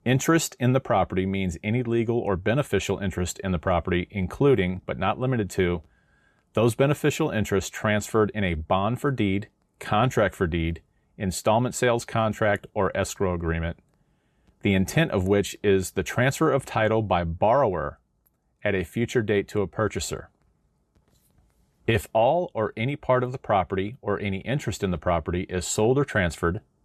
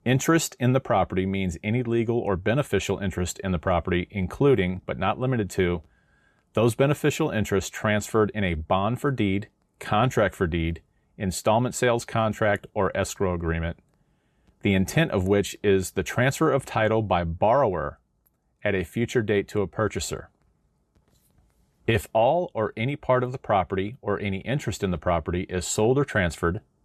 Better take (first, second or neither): neither